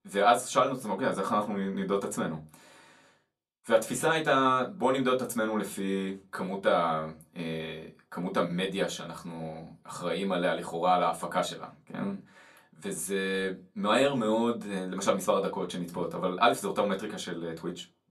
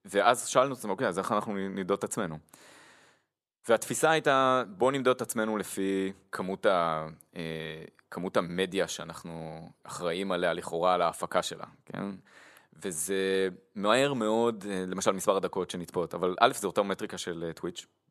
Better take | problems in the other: second | off-mic speech; far // room echo; very slight; dies away in 0.2 s

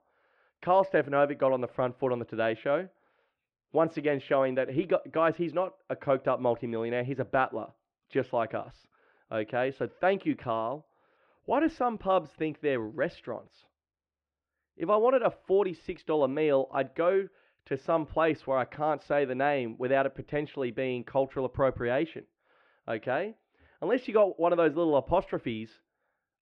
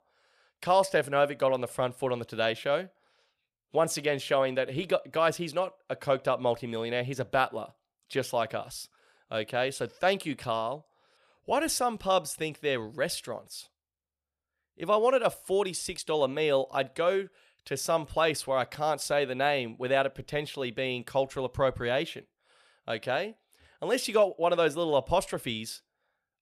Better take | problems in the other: second | muffled; very; fading above 2.5 kHz

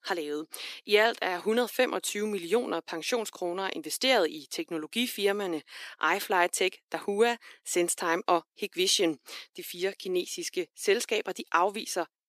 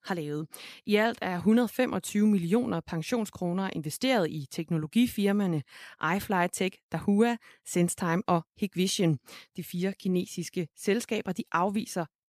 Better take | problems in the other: second | thin; somewhat; fading below 350 Hz

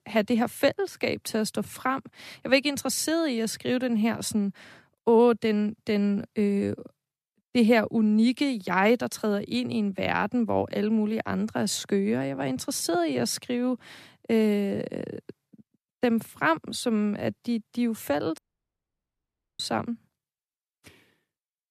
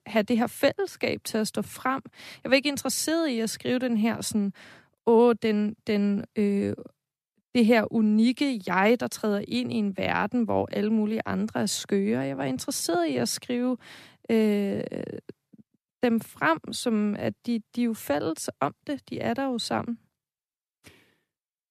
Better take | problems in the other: second | audio cutting out; at 18 s for 1 s

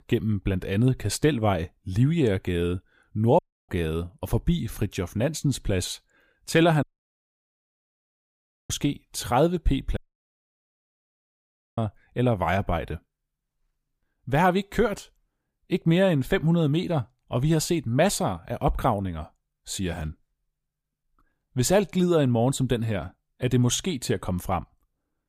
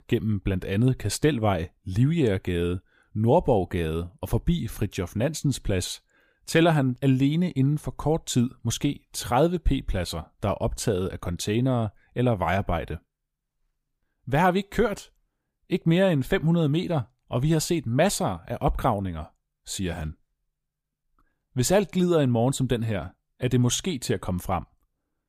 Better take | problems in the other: second | audio cutting out; at 3.5 s, at 7 s for 2 s and at 10 s for 2 s

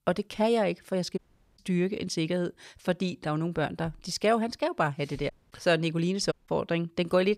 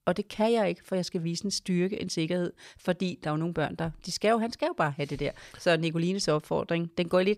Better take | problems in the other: second | audio cutting out; at 1 s, at 5.5 s and at 6.5 s

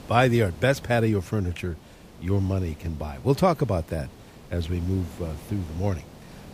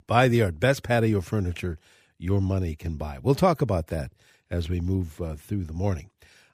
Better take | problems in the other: second | hiss; noticeable; throughout; 20 dB below the speech

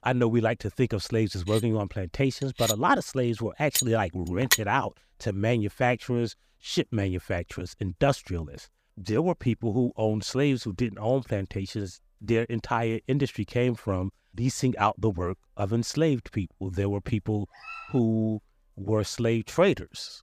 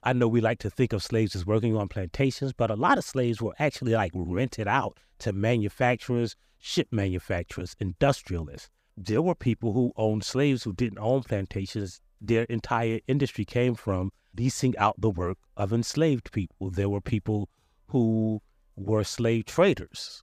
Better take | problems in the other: second | clattering dishes; loud; from 2.5 to 4.5 s; peak 3 dB above the speech // dog barking; faint; at 18 s; peak 10 dB below the speech

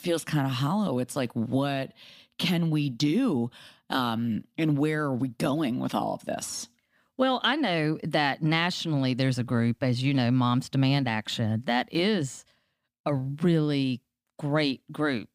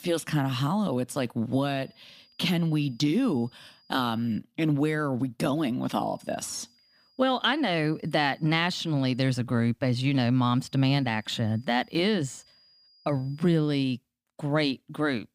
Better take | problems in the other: first | high-pitched whine; faint; from 1.5 to 4.5 s, from 6 to 9.5 s and from 11 to 14 s; 5 kHz, 35 dB below the speech

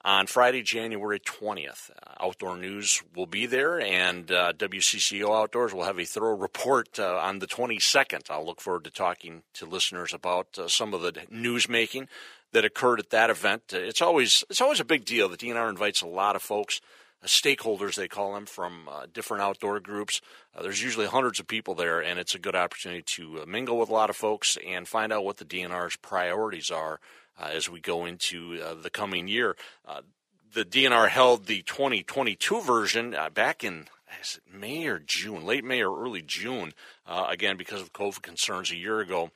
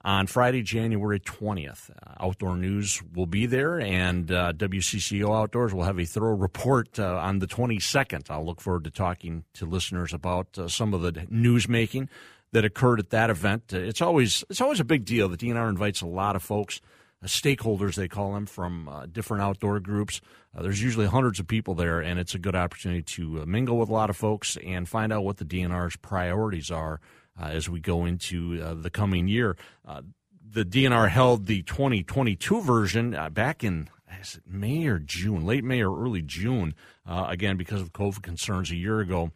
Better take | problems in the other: second | thin; very; fading below 450 Hz

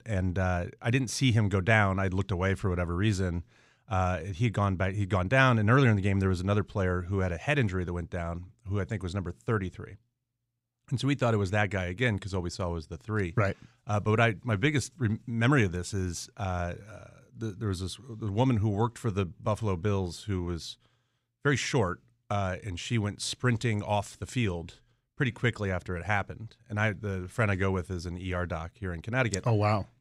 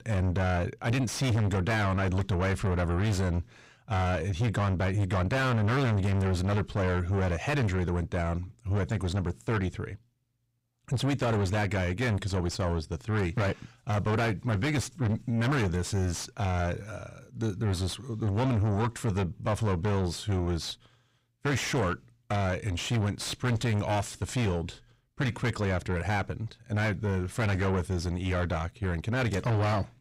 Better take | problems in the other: first | distortion; heavy; 5 dB below the speech

